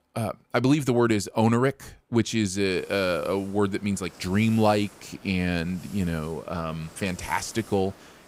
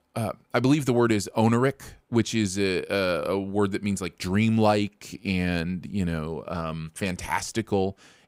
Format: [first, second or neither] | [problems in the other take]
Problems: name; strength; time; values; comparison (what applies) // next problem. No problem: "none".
second | hiss; faint; from 2.5 s on; 20 dB below the speech